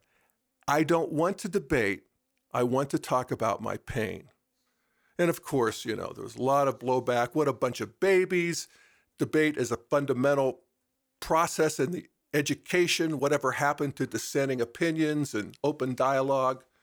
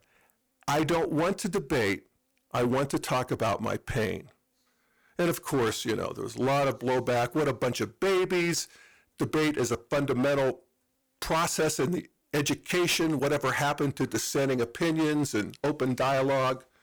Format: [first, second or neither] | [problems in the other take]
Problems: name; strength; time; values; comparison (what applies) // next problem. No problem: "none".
first | distortion; heavy; 19% of the sound clipped